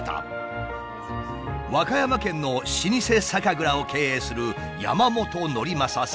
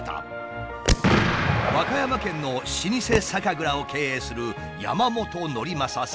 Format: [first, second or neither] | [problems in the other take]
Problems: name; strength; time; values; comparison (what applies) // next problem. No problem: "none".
first | background sound (Fireworks + Explosion); 2 dB below the speech